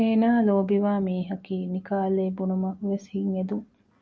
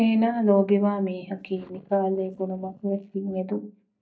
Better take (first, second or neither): first